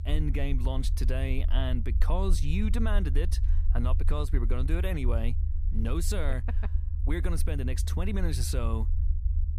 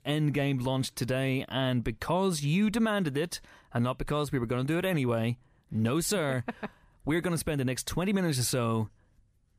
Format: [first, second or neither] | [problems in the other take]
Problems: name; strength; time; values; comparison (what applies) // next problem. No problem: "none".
second | low rumble; noticeable; throughout; 10 dB below the speech